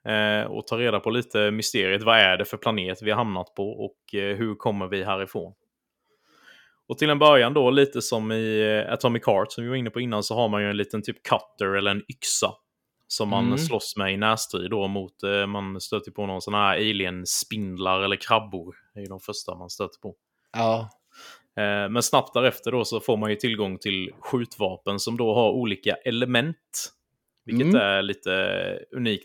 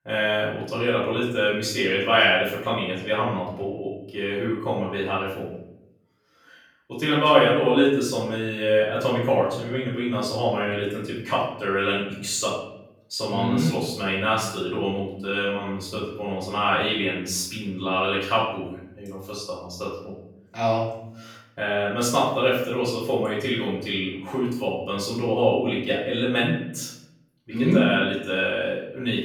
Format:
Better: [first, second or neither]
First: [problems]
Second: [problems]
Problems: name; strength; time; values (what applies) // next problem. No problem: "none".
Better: first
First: none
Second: off-mic speech; far // room echo; noticeable; dies away in 0.7 s